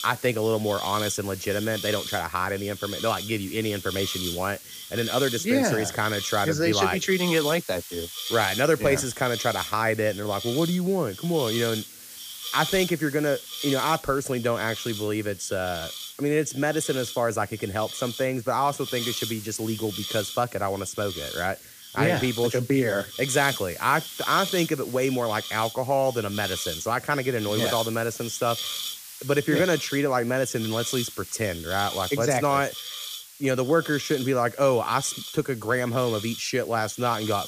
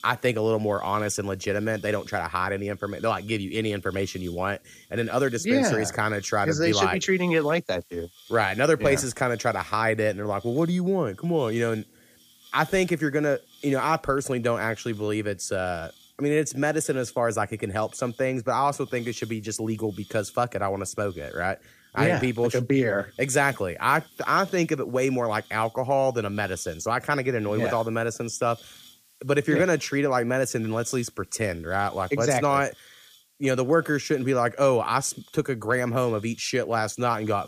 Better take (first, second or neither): second